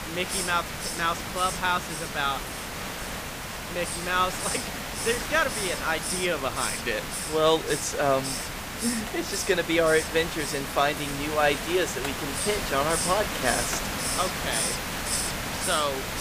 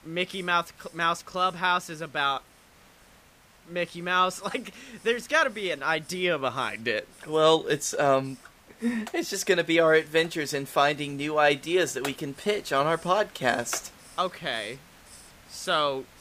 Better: second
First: hiss; loud; throughout; 3 dB below the speech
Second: hiss; faint; throughout; 25 dB below the speech

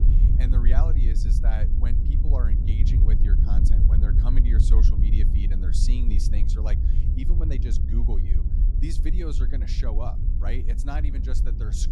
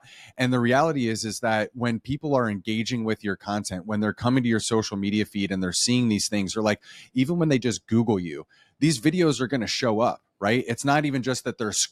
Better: second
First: wind noise on the microphone; heavy; 2 dB below the speech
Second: none

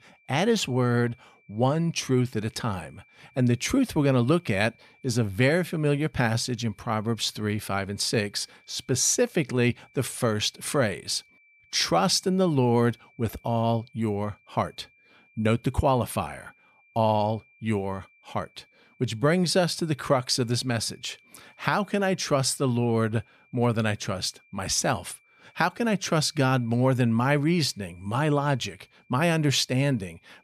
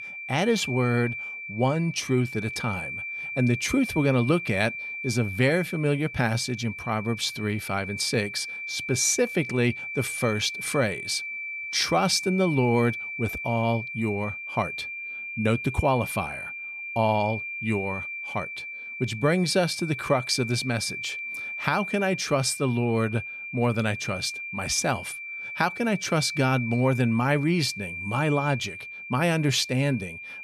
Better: first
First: high-pitched whine; faint; throughout; 2.5 kHz, 35 dB below the speech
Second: high-pitched whine; loud; throughout; 2.5 kHz, 7 dB below the speech

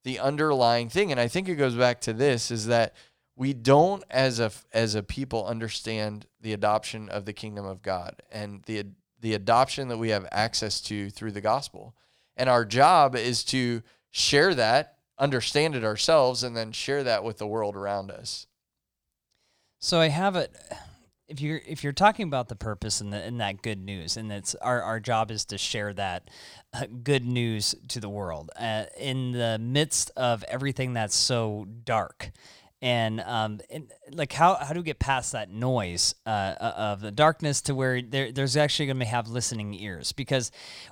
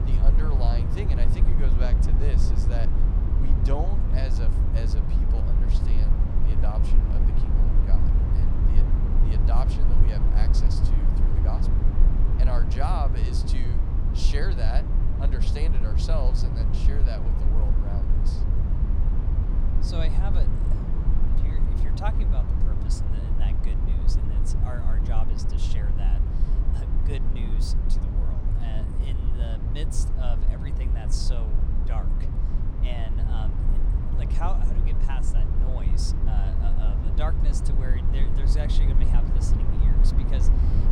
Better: first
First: none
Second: low rumble; loud; throughout; 1 dB below the speech

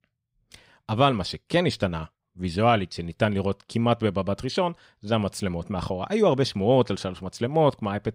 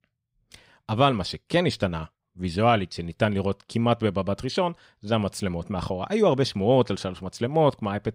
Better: neither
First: none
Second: none

